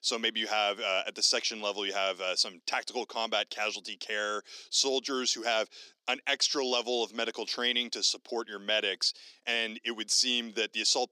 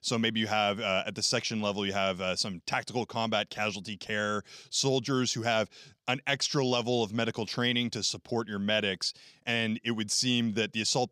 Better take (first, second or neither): second